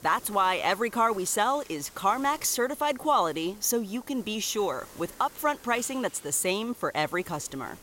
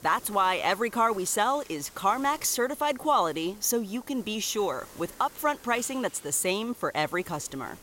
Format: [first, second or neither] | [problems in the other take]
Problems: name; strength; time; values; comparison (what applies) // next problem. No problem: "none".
neither | hiss; faint; throughout; 20 dB below the speech; the same in both